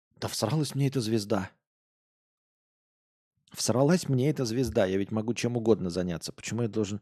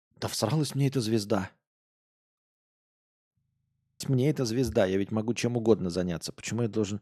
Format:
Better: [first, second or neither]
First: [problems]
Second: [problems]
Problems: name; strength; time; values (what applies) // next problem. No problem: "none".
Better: first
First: none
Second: audio freezing; at 3.5 s for 0.5 s